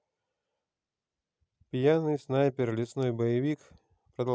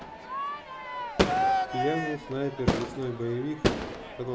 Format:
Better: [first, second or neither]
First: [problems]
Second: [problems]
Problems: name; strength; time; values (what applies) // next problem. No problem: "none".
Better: first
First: none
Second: background sound (Crowd / Fireworks); 4 dB above the speech // room echo; dies away in 1.5 s